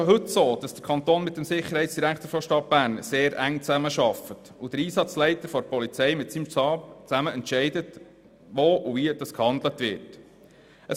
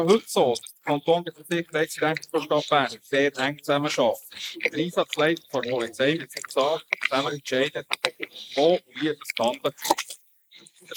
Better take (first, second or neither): first